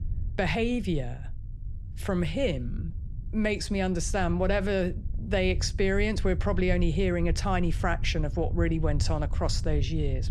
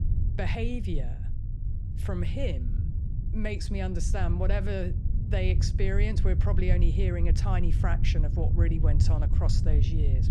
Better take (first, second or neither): first